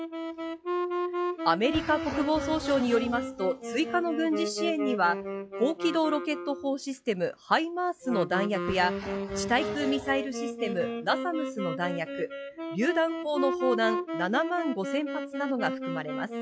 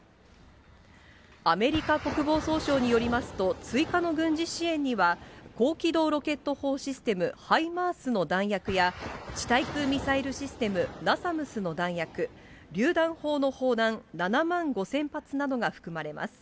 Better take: second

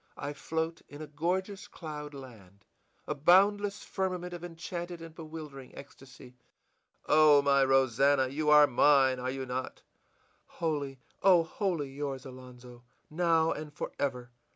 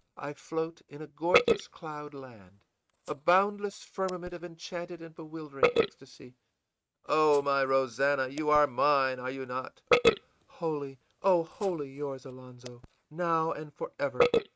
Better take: first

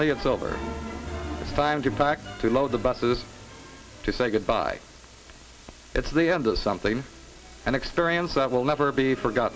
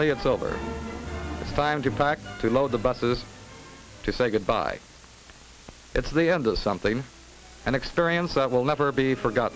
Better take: second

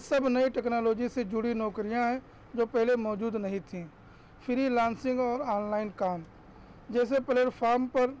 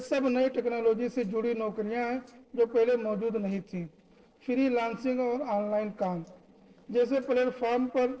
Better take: first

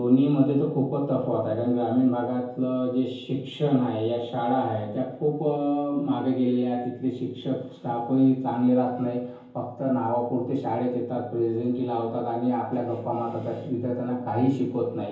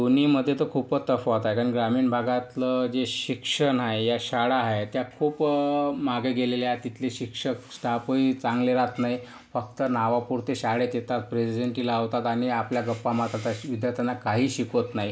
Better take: second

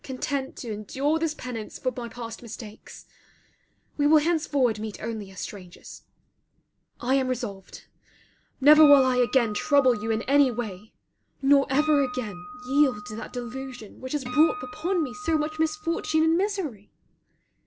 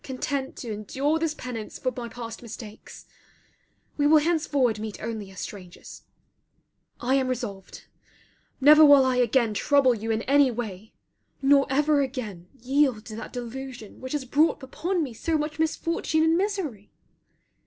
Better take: second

